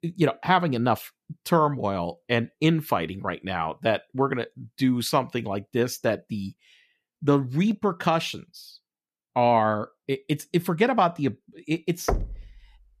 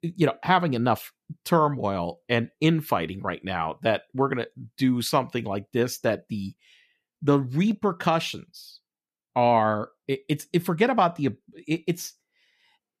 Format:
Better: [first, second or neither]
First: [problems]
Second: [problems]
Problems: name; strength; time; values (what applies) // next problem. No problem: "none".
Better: second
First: door banging; noticeable; at 12 s; peak 4 dB below the speech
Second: none